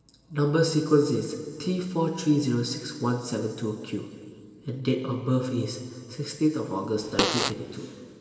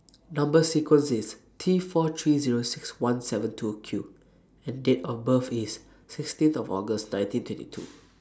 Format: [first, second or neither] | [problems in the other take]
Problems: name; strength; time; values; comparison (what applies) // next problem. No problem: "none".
second | background sound (Fart); 1 dB below the speech // room echo; dies away in 2.6 s